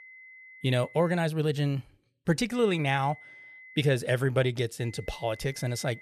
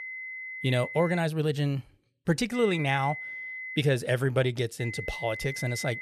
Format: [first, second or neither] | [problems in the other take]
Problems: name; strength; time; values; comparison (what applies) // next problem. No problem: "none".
first | high-pitched whine; loud; until 1 s, from 2.5 to 4 s and from 5 s on; 2 kHz, 9 dB below the speech; faint in the first